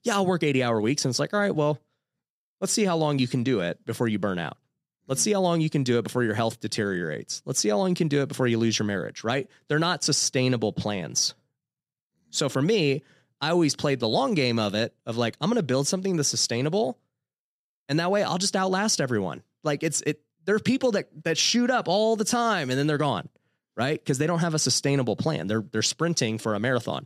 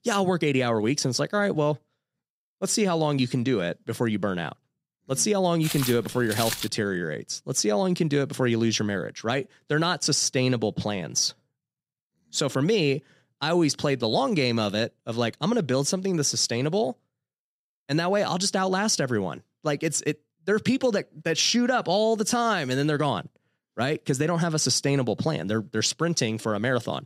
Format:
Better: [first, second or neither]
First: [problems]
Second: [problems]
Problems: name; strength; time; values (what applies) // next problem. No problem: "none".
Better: first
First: none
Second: footsteps; noticeable; from 5.5 to 6.5 s; peak 3 dB below the speech